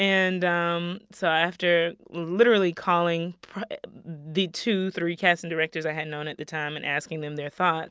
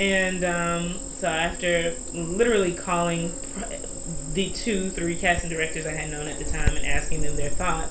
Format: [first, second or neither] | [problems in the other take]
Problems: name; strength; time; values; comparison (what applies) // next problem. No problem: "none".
first | background sound (Cricket); as loud as the speech // room echo; dies away in 0.3 s